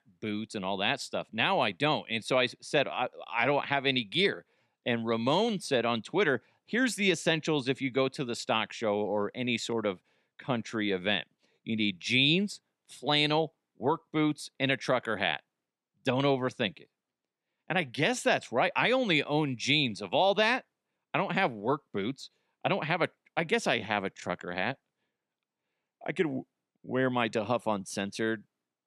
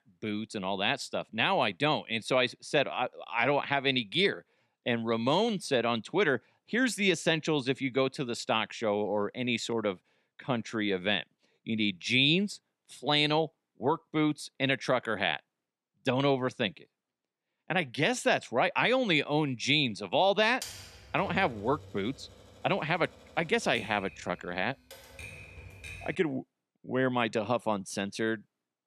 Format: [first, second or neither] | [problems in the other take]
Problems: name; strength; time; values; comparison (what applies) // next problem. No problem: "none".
first | keyboard typing; faint; from 21 to 26 s; peak 10 dB below the speech